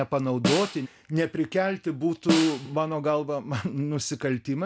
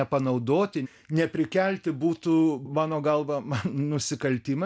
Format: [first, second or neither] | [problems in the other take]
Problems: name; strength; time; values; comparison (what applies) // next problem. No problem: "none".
second | background sound (Snare drum); 6 dB below the speech